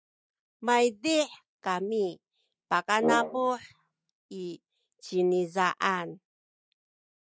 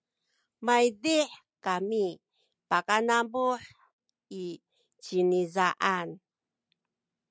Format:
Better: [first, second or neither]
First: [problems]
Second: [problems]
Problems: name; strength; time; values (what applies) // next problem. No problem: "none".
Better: second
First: noise reduction (neural mask model DeepFilterNet 3)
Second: none